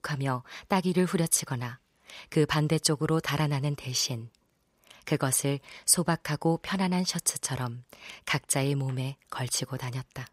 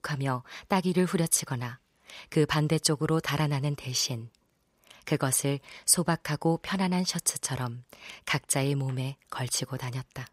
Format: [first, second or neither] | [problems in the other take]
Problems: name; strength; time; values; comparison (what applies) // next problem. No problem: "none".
neither | none